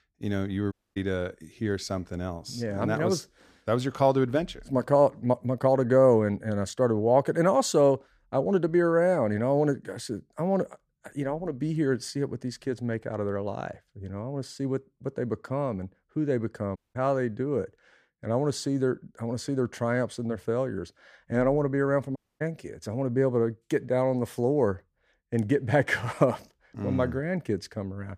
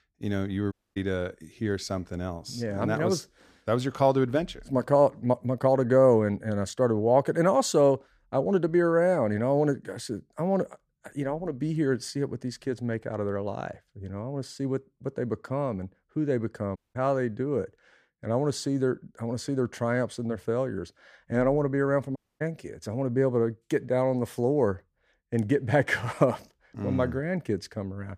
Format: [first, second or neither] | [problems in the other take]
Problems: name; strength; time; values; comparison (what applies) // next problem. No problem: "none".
neither | audio cutting out; at 0.5 s, at 17 s and at 22 s; the same in both